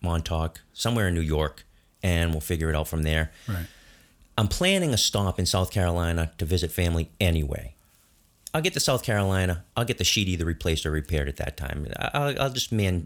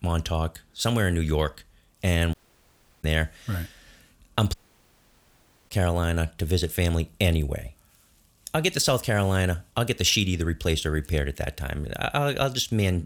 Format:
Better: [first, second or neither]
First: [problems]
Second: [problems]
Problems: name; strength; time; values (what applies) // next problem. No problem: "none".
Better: first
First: none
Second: audio cutting out; at 2.5 s for 0.5 s and at 4.5 s for 1 s